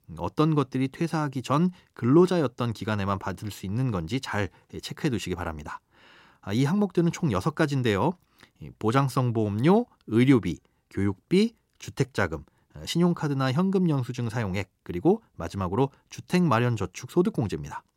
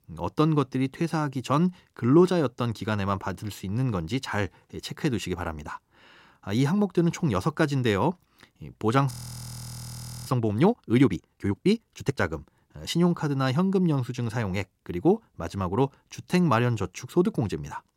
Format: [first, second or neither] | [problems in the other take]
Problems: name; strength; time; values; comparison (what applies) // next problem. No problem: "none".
first | audio freezing; at 9 s for 1 s